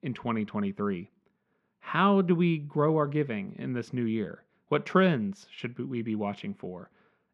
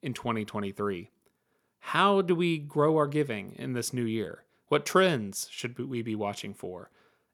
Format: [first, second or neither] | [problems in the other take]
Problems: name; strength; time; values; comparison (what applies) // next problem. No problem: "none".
second | muffled; slightly; fading above 2.5 kHz